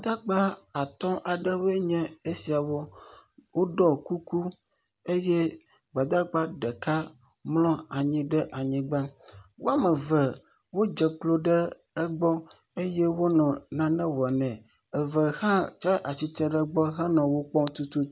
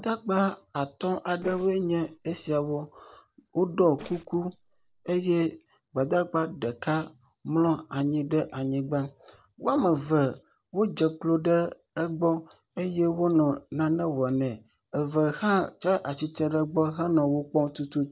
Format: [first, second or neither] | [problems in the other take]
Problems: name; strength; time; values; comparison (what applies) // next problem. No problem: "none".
first | noise reduction (neural separator model SepFormer DNS4)